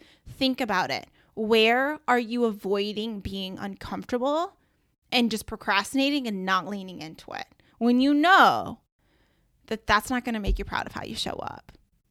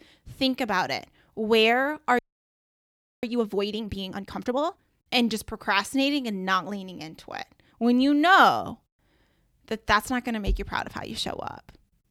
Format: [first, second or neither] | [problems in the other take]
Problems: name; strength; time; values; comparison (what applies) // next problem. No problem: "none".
first | audio freezing; at 2 s for 1 s